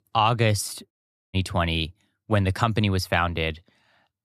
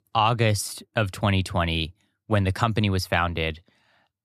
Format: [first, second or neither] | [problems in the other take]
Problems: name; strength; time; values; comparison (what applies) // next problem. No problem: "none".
second | audio cutting out; at 1 s